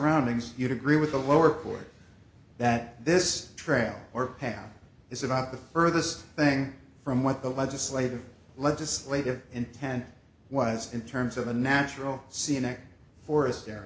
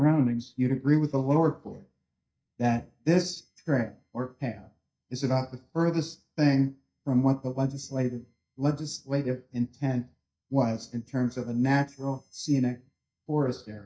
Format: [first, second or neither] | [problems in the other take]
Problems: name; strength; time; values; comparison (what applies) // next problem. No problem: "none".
first | noise reduction (neural mask model DeepFilterNet 3)